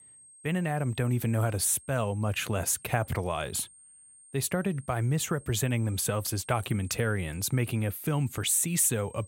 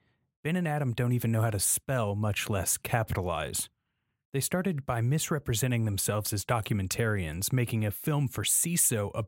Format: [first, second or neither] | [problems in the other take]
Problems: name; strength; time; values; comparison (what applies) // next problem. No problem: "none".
second | high-pitched whine; faint; throughout; 8.5 kHz, 20 dB below the speech